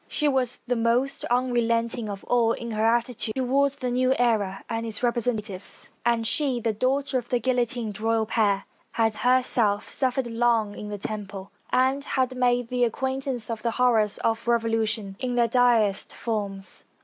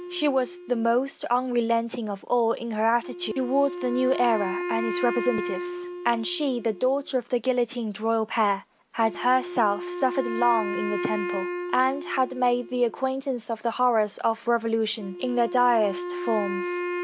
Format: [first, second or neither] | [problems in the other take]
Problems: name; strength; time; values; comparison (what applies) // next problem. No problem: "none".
first | background sound (Wind instrument, woodwind instrument); 8 dB below the speech